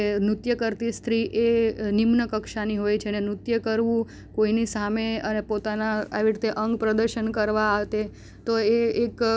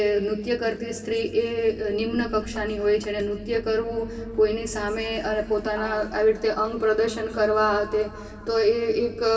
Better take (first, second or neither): first